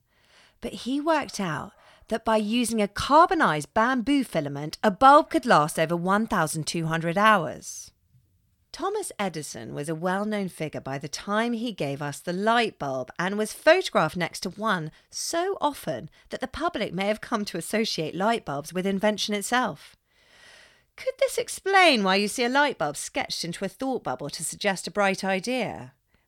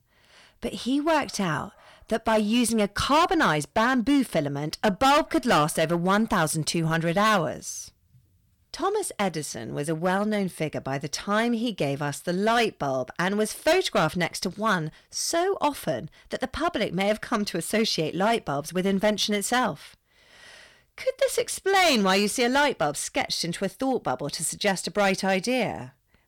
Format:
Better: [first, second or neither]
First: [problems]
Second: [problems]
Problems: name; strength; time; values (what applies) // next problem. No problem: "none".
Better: first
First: none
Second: distortion; heavy; 5% of the sound clipped